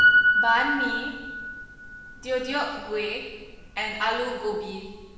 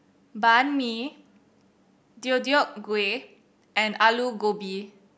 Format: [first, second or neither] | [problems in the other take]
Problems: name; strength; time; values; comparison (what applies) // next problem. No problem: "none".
second | background sound (Piano); 3 dB above the speech // room echo; dies away in 1.2 s